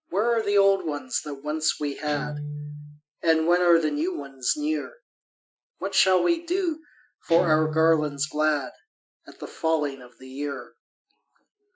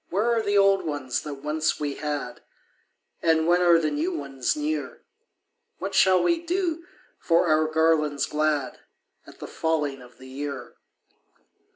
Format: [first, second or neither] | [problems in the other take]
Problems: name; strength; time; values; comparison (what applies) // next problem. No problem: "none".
second | noise reduction (classical method Wiener filter)